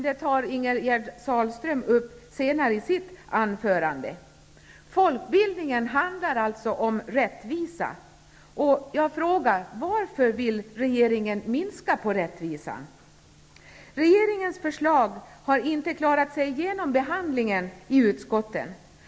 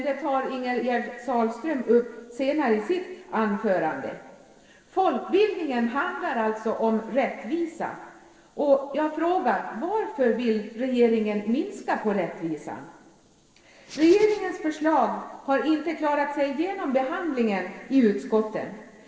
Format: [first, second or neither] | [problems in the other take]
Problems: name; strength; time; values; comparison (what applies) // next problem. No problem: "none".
first | noise reduction (neural separator model SepFormer DNS4)